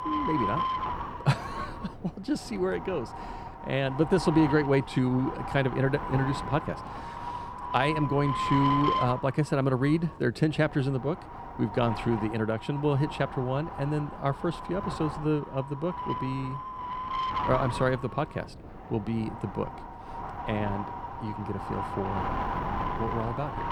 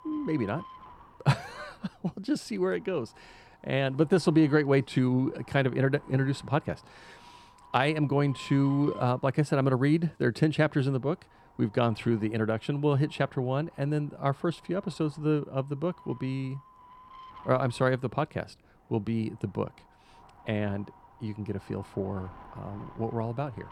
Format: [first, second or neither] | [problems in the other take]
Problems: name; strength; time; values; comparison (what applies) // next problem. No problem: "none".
second | wind noise on the microphone; heavy; 1 dB below the speech; occasional gusts in the second